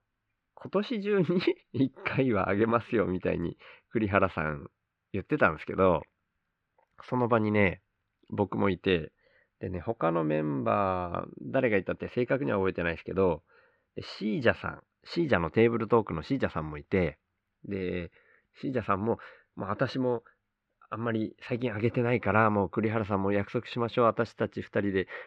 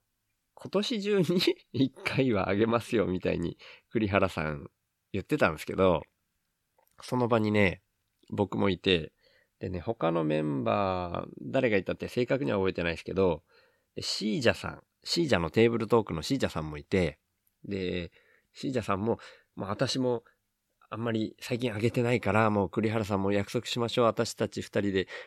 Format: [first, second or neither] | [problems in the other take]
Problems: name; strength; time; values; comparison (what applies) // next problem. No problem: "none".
second | muffled; slightly; fading above 2 kHz